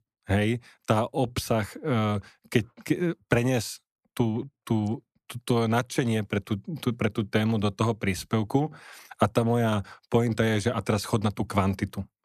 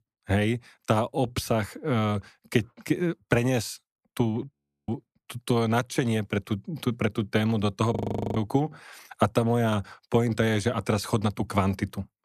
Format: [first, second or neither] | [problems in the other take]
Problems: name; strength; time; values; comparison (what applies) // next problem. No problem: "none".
first | audio freezing; at 4.5 s and at 8 s